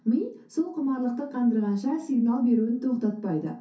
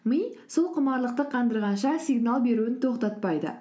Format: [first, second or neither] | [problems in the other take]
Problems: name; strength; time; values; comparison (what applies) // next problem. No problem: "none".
second | room echo; dies away in 0.3 s